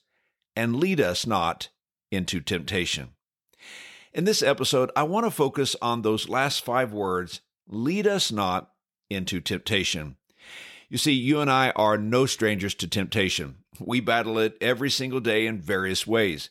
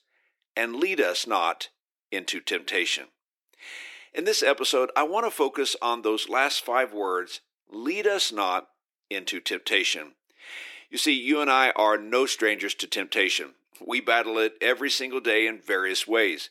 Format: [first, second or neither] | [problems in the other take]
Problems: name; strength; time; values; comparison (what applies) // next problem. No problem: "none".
first | thin; somewhat; fading below 300 Hz